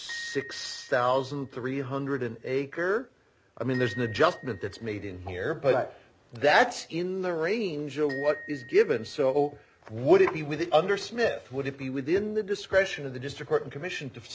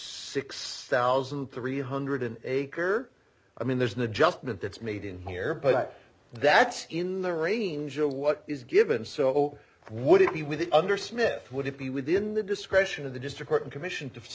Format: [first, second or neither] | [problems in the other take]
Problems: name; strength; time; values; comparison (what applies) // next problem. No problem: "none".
second | background sound (Glockenspiel); 19 dB below the speech